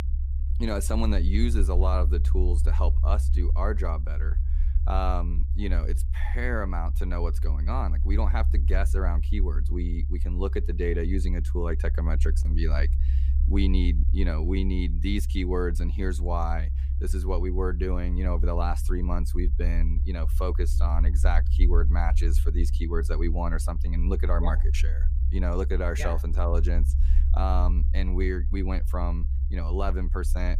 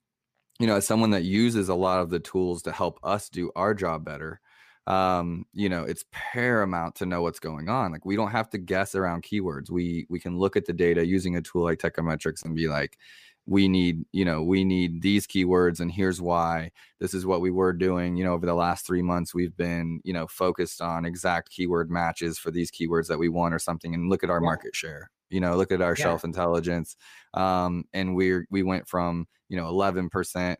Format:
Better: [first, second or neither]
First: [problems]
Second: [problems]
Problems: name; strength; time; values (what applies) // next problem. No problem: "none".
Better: second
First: low rumble; noticeable; throughout; 10 dB below the speech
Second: none